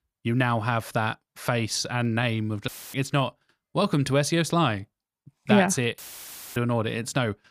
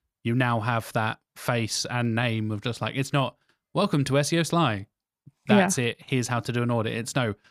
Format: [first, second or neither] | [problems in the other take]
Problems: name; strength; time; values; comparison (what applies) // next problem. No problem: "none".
second | audio cutting out; filled with static; at 2.5 s and at 6 s for 0.5 s